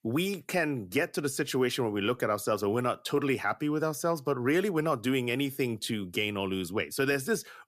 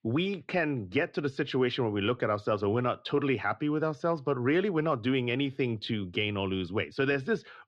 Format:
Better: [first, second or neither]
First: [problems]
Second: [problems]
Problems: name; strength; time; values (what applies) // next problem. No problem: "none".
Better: first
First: none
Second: muffled; slightly; fading above 3.5 kHz